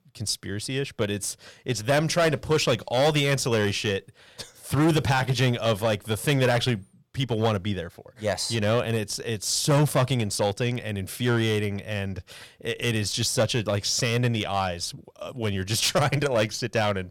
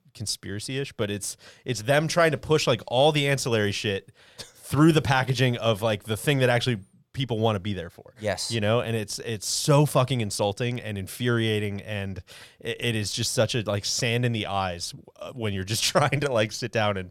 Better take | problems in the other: second | distortion; slight; 5% of the sound clipped

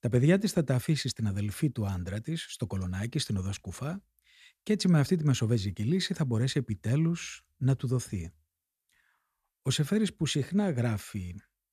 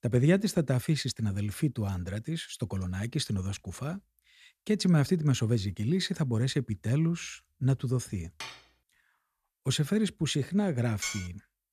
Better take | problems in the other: first | clattering dishes; faint; at 8.5 s; peak 15 dB below the speech // clattering dishes; noticeable; at 11 s; peak 5 dB below the speech

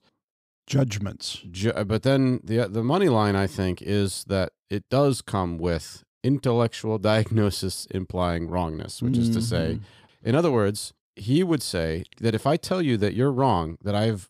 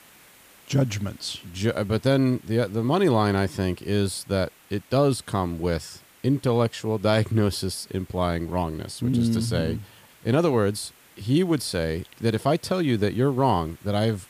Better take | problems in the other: first | hiss; faint; throughout; 25 dB below the speech

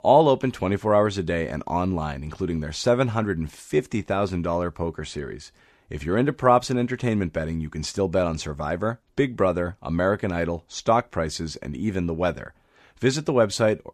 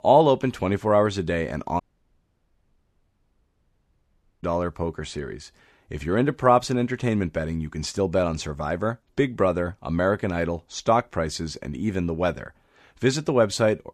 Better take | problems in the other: first | audio cutting out; at 2 s for 2.5 s

